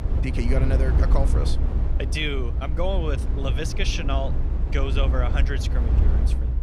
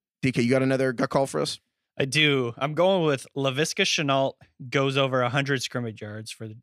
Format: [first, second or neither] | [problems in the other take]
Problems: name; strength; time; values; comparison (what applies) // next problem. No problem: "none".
second | low rumble; loud; throughout; 8 dB below the speech